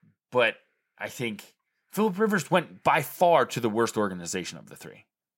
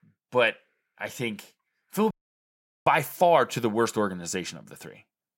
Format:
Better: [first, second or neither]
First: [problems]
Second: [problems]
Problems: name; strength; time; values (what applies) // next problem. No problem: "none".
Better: first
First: none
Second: audio cutting out; at 2 s for 1 s